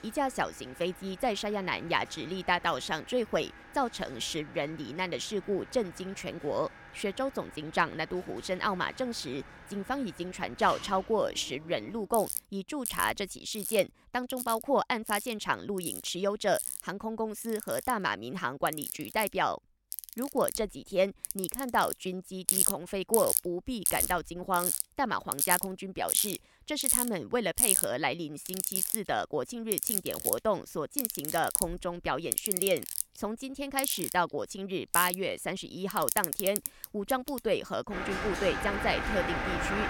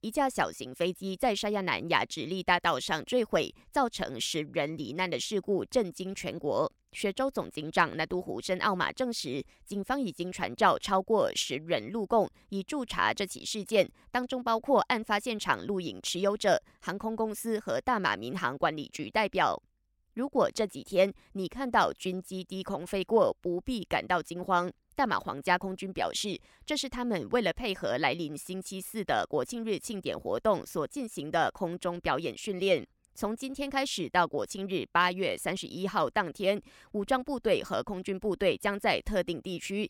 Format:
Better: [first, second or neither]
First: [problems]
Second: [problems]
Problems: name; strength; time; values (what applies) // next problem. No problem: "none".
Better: second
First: machinery noise; very loud; throughout; as loud as the speech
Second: none